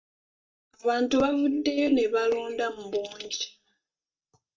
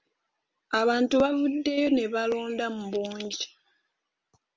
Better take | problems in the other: second | noise reduction (neural mask model DeepFilterNet 3)

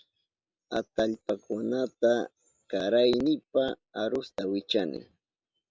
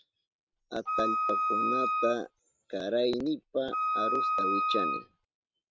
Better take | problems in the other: first | background sound (Wind instrument, woodwind instrument); 4 dB above the speech

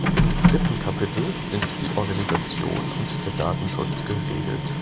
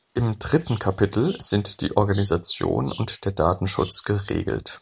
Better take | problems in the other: second | background sound (Printer); 5 dB above the speech

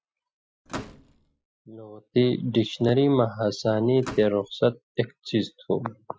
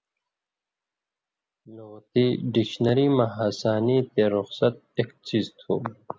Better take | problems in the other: second | noise reduction (classical method Wiener filter)

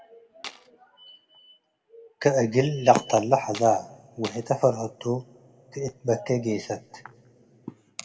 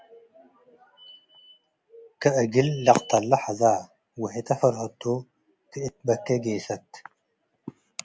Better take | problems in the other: second | background sound (Tools); 16 dB below the speech // room echo; dies away in 2.2 s

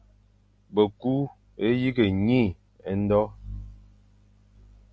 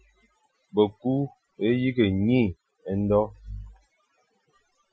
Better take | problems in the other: first | noise reduction (classical method Wiener filter)

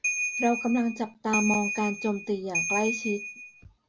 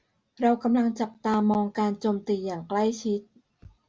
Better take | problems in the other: second | background sound (Ringtone / Bell); 3 dB below the speech

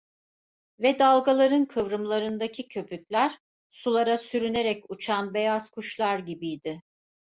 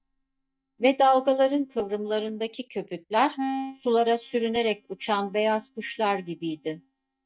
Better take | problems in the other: first | noise reduction (neural mask model DeepFilterNet 3)

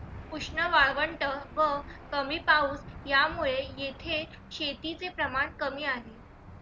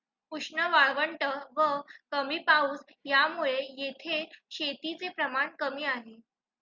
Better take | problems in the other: second | background sound (Engine / Aircraft); 15 dB below the speech

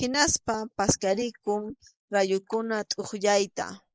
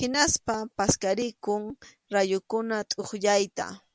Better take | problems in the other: second | noise reduction (neural mask model Resemble Enhance denoiser)

